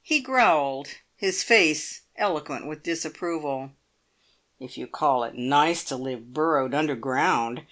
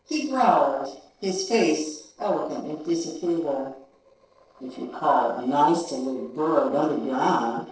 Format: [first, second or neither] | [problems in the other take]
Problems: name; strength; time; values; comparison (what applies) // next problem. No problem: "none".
first | noise reduction (neural separator model SepFormer DNS4)